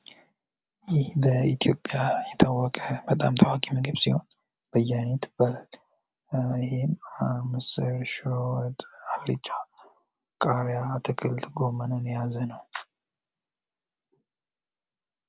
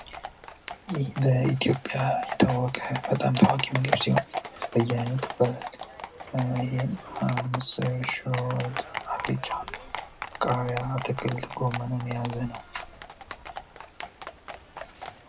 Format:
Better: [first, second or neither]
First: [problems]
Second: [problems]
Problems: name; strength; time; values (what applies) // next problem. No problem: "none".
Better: first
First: none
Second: background sound (Livestock, farm animals, working animals); 8 dB below the speech // room echo; dies away in 0.2 s